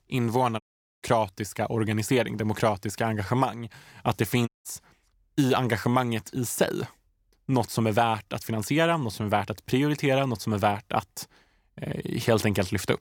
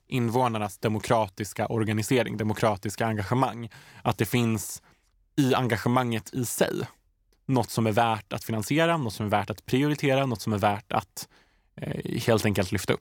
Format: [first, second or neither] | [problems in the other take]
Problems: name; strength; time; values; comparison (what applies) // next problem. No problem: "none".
second | audio cutting out; at 0.5 s and at 4.5 s